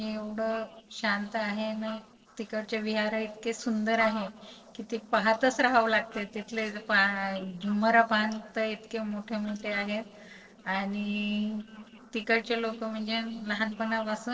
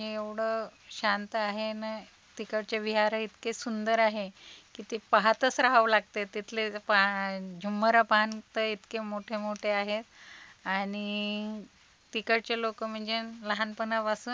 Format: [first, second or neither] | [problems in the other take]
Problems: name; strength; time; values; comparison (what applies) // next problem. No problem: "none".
second | noise reduction (neural separator model SepFormer DNS4)